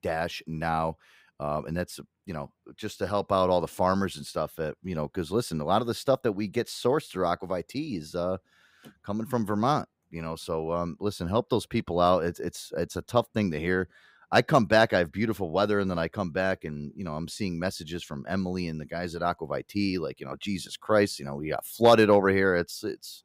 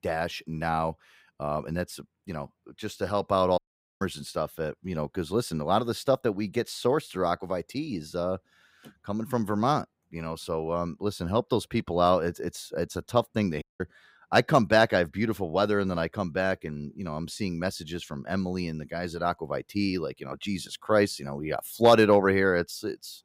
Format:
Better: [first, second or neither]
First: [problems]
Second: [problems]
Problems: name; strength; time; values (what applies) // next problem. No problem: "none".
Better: first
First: none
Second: audio cutting out; at 3.5 s and at 14 s